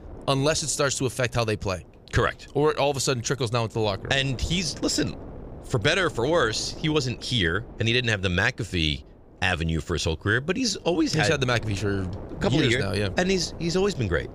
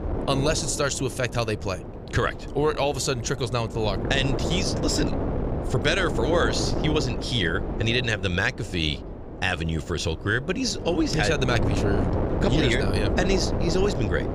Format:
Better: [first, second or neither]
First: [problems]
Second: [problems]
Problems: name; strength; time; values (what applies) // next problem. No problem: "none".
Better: first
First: wind noise on the microphone; occasional gusts; 20 dB below the speech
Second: wind noise on the microphone; heavy; 7 dB below the speech